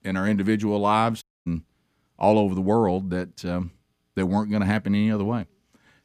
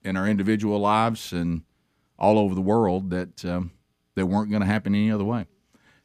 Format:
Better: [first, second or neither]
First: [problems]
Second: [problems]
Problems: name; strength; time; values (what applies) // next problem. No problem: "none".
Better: second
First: audio cutting out; at 1 s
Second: none